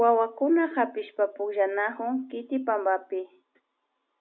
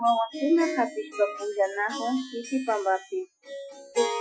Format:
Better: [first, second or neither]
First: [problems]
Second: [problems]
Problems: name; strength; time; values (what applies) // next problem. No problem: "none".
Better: first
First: none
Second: noise reduction (classical method Wiener filter)